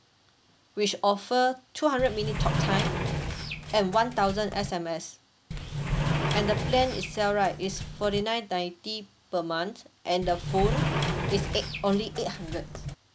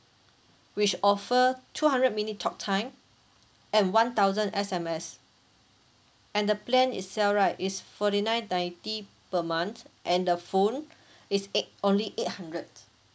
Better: second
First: background sound (Sliding door); 1 dB below the speech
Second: none

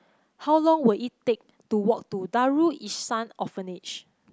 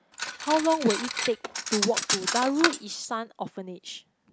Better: first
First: none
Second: background sound (Cutlery, silverware); 3 dB below the speech

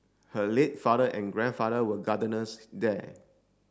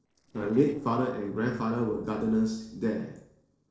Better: first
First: none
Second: noise reduction (neural separator model SepFormer DNS4)

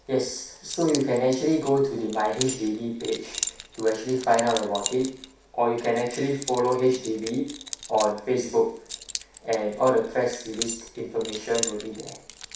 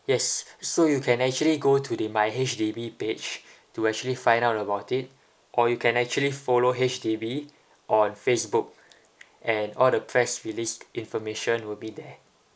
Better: second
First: background sound (Keys jangling); 11 dB below the speech // room echo; dies away in 0.6 s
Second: none

